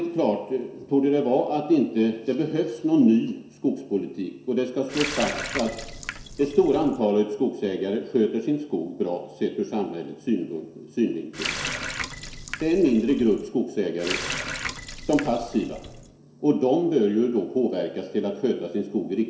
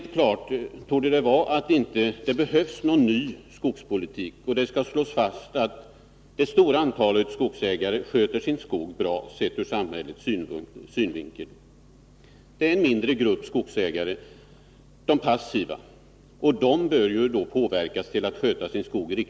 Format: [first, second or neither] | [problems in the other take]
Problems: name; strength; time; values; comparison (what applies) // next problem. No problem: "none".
second | background sound (Water tap, faucet); 9 dB below the speech // room echo; dies away in 0.7 s